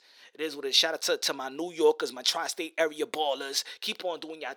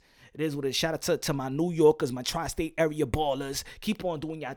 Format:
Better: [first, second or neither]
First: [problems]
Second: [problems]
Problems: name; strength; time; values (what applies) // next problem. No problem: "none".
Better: second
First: thin; somewhat; fading below 400 Hz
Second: none